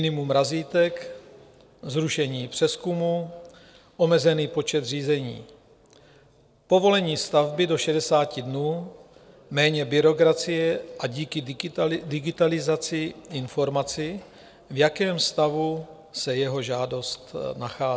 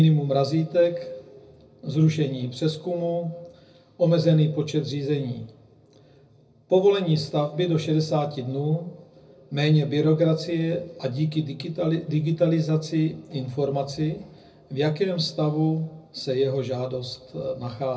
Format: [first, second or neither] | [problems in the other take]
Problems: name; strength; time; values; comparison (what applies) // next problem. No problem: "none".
first | room echo; dies away in 0.4 s